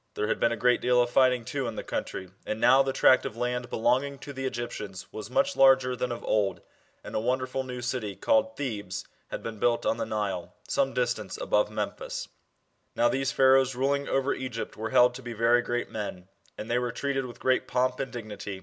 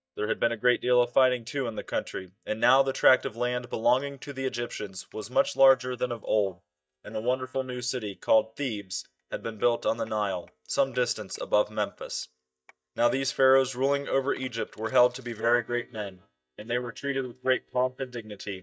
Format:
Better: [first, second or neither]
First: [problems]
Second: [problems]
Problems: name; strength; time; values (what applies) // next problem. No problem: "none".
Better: first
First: none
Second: noise reduction (neural mask model DeepFilterNet 3)